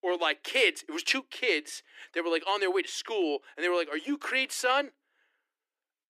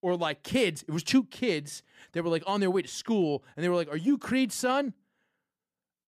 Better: second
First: thin; somewhat; fading below 300 Hz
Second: none

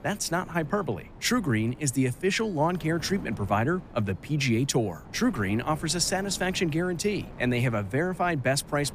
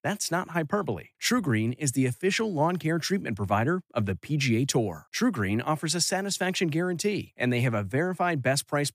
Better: second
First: wind noise on the microphone; occasional gusts; 20 dB below the speech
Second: none

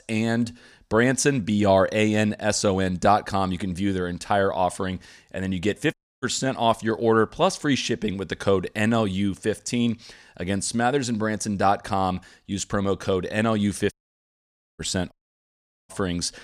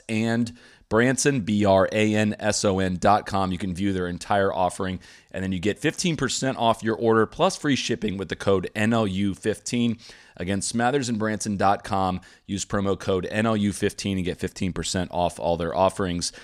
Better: second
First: audio cutting out; at 6 s, at 14 s for 1 s and at 15 s for 1 s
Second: none

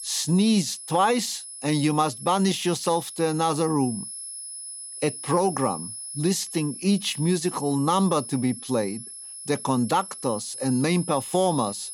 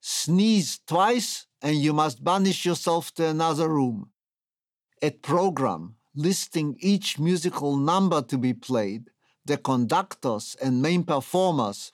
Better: second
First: high-pitched whine; noticeable; throughout; 10.5 kHz, 10 dB below the speech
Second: none

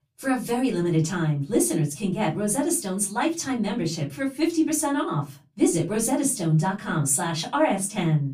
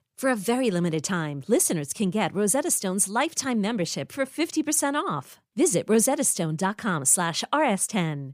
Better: second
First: off-mic speech; far // room echo; very slight; dies away in 0.3 s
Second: none

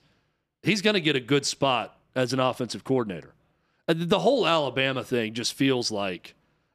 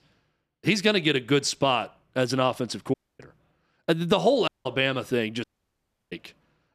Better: first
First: none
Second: audio cutting out; at 3 s, at 4.5 s and at 5.5 s for 0.5 s

